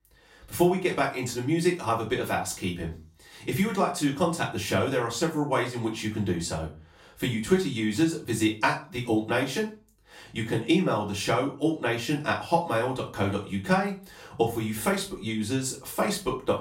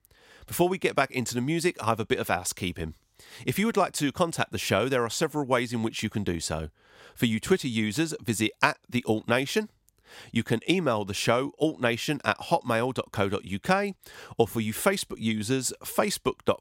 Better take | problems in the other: second | off-mic speech; far // room echo; slight; dies away in 0.3 s

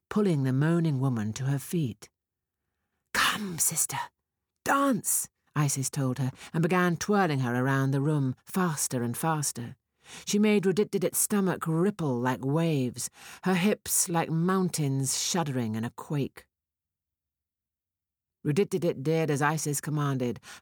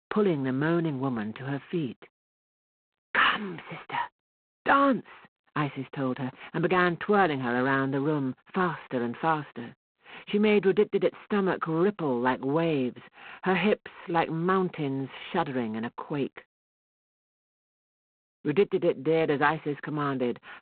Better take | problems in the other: first | phone-call audio; poor line

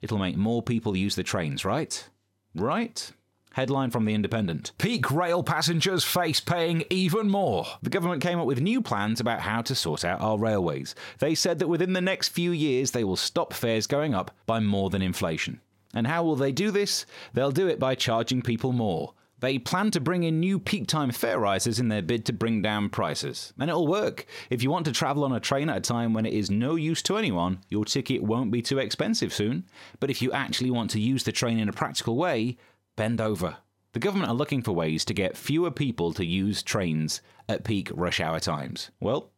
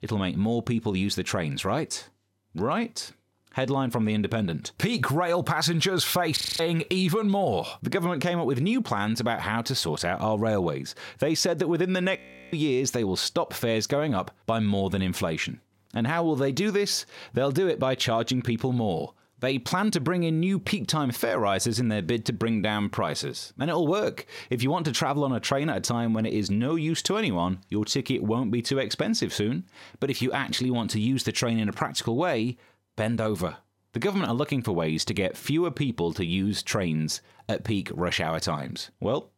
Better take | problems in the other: first | audio freezing; at 6.5 s and at 12 s

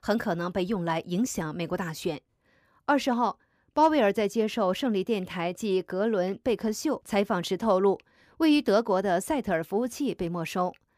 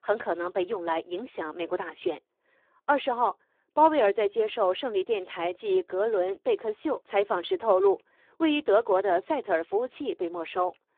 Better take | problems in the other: first | phone-call audio; poor line

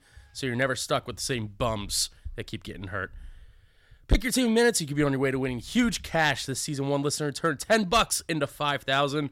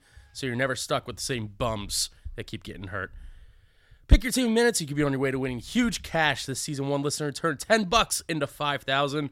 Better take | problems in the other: second | distortion; slight; 0.5% of the sound clipped

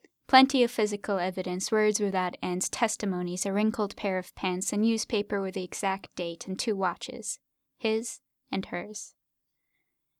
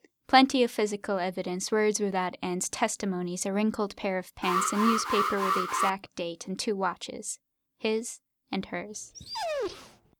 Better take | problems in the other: first | alarm; loud; from 4.5 to 6 s; peak 2 dB above the speech // dog barking; noticeable; at 9 s; peak 3 dB below the speech

